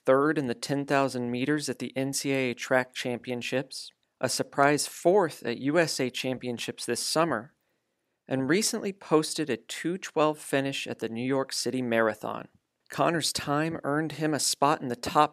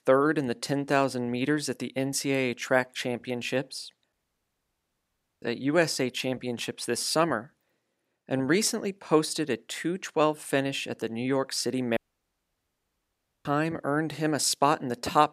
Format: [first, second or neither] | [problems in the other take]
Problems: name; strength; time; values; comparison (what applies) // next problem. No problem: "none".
first | audio cutting out; at 4 s for 1.5 s and at 12 s for 1.5 s